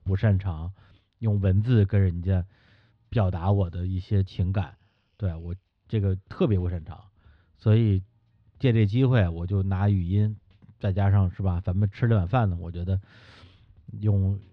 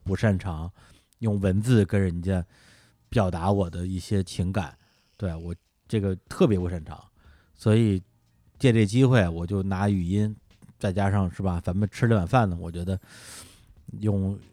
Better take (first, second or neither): second